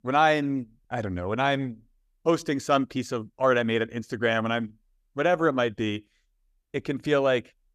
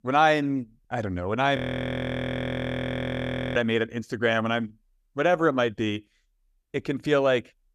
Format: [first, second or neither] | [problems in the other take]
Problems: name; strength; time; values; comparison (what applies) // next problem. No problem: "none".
first | audio freezing; at 1.5 s for 2 s